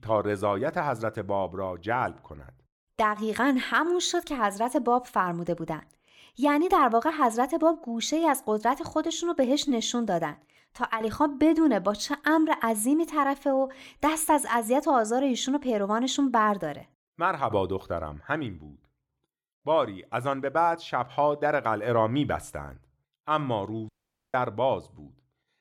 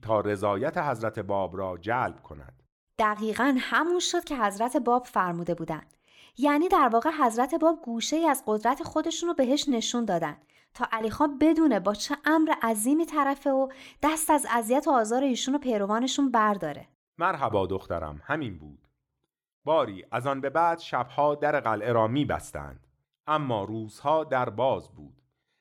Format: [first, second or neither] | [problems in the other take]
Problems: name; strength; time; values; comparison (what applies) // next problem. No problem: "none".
second | audio cutting out; at 24 s